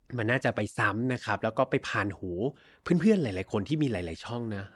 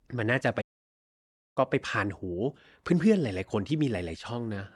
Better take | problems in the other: first | audio cutting out; at 0.5 s for 1 s

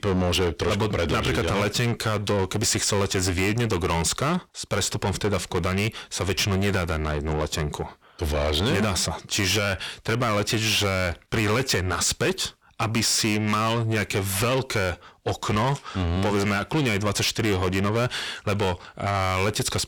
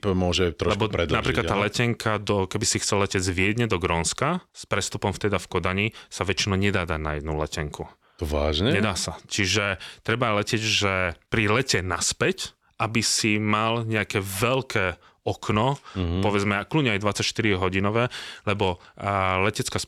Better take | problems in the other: second | distortion; heavy; 7 dB below the speech

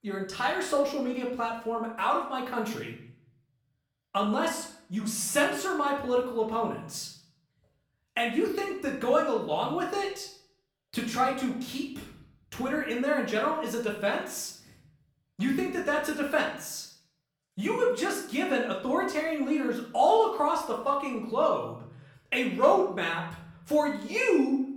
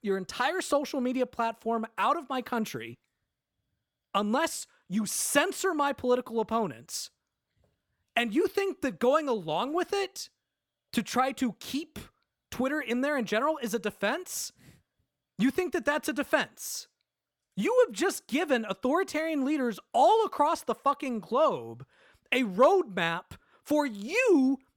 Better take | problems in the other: second | room echo; slight; dies away in 0.6 s // off-mic speech; far

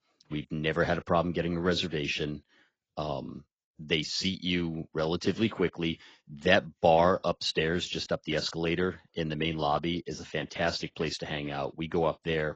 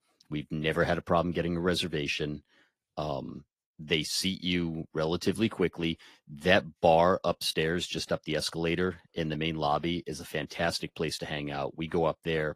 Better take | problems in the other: second | garbled, watery; badly; nothing above 7.5 kHz; slightly in the second

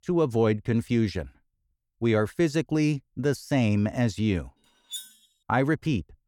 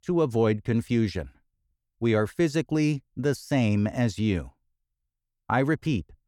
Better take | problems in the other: second | clattering dishes; faint; at 5 s; peak 10 dB below the speech

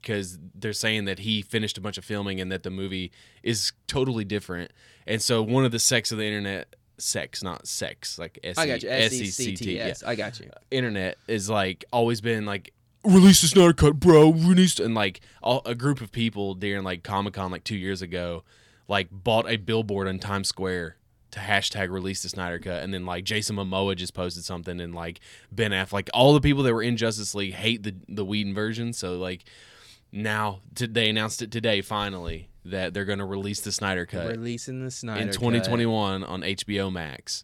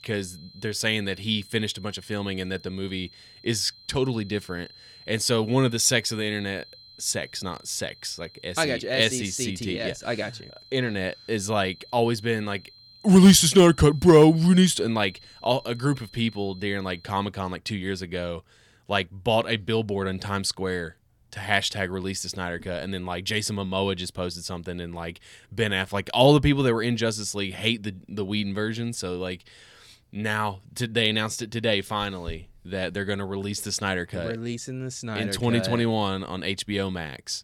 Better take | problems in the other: first | high-pitched whine; faint; until 17 s; 4 kHz, 25 dB below the speech

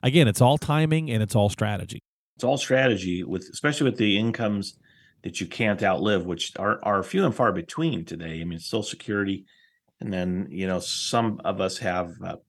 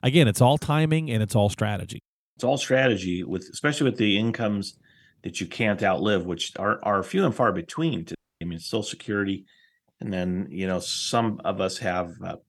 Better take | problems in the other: first | audio cutting out; at 8 s

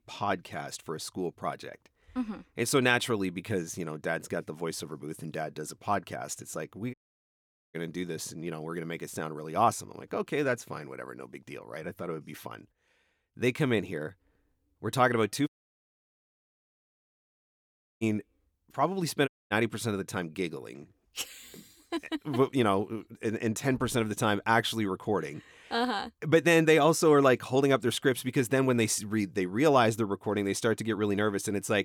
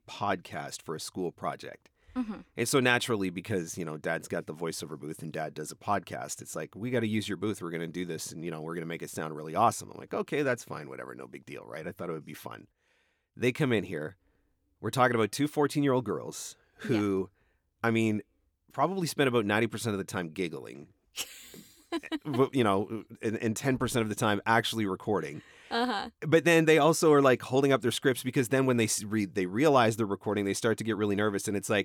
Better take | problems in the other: second | audio cutting out; at 7 s for 1 s, at 15 s for 2.5 s and at 19 s

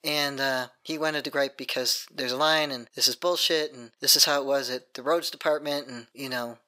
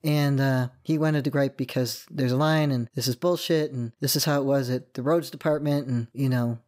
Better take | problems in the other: second | thin; very; fading below 550 Hz

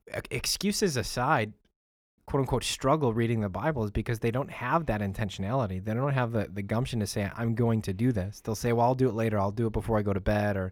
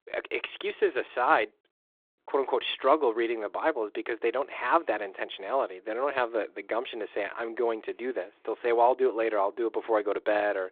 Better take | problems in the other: first | phone-call audio; nothing above 3.5 kHz

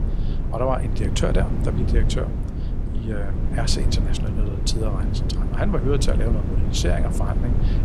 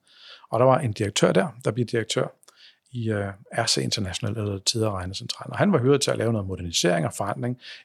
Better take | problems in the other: second | wind noise on the microphone; heavy; 6 dB below the speech

